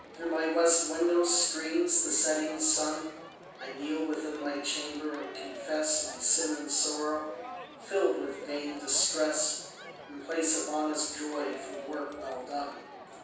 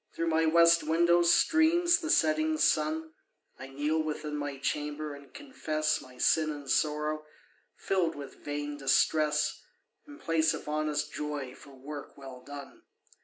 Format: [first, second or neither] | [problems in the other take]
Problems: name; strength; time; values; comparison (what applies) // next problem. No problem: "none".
second | background sound (Crowd); 14 dB below the speech // room echo; dies away in 0.7 s